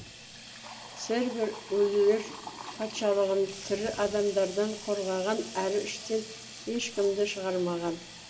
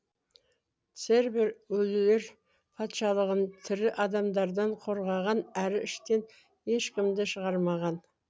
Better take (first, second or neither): second